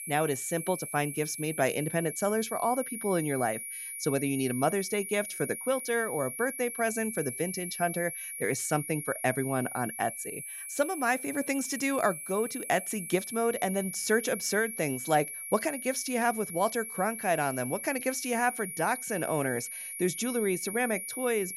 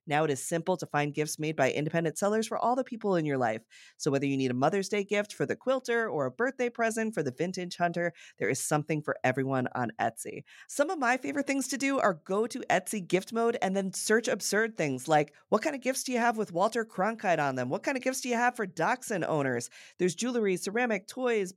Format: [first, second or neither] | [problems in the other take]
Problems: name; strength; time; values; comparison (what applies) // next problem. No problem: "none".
second | high-pitched whine; loud; throughout; 10.5 kHz, 6 dB below the speech